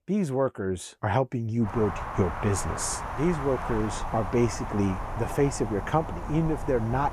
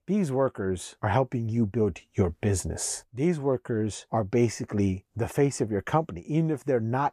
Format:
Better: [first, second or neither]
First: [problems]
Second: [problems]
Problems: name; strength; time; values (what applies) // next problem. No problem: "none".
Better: second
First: wind noise on the microphone; heavy; from 1.5 s on; 4 dB below the speech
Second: none